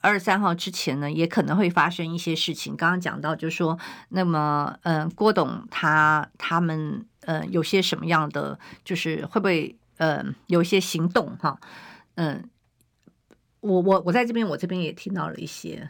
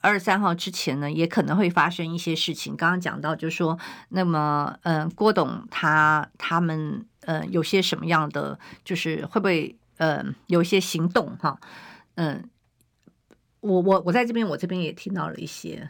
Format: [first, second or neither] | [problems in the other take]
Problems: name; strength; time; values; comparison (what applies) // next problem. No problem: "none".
neither | none